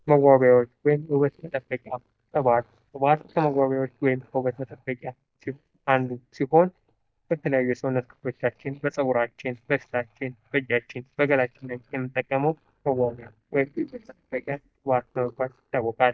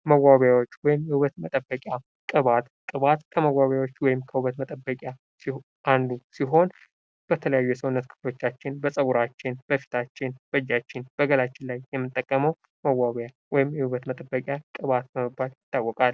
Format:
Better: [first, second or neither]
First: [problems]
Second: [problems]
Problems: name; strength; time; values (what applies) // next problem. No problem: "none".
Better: second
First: noise reduction (neural mask model DeepFilterNet 3)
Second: none